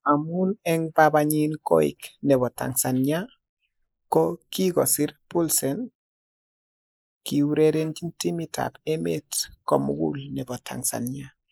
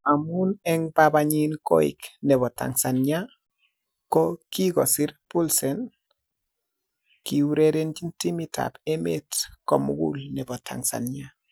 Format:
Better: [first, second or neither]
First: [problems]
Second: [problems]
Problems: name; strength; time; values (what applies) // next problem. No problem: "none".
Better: second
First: noise reduction (neural mask model Resemble Enhance denoiser)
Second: none